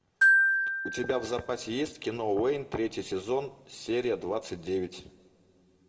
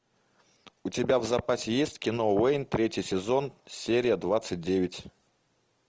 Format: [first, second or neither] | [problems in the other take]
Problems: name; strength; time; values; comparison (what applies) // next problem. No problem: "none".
second | background sound (Glockenspiel); 4 dB above the speech // room echo; dies away in 1.6 s